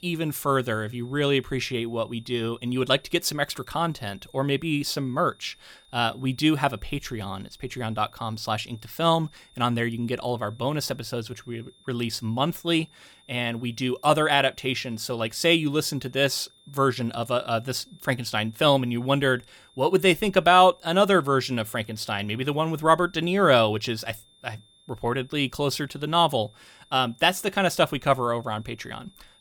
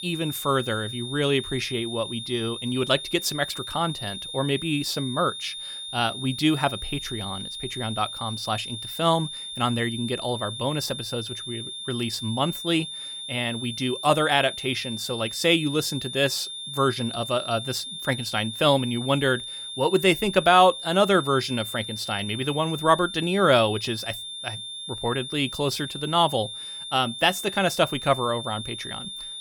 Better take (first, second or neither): first